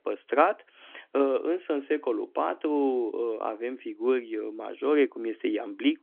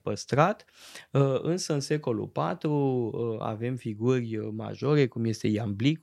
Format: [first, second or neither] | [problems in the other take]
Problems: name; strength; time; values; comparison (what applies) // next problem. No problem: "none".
second | phone-call audio; nothing above 3.5 kHz